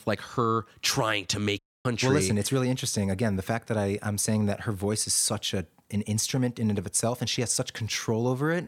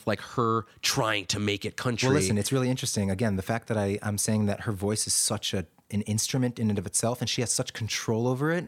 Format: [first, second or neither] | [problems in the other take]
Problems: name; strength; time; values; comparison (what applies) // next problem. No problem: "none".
second | audio cutting out; at 1.5 s